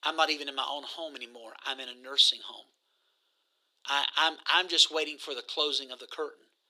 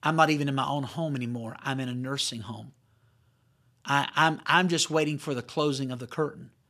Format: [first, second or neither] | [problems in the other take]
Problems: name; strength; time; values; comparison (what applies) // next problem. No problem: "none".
second | thin; very; fading below 350 Hz